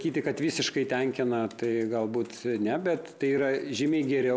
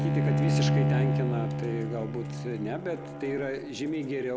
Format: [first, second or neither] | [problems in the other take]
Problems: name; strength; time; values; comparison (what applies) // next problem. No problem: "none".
first | background sound (Bowed string instrument); 5 dB above the speech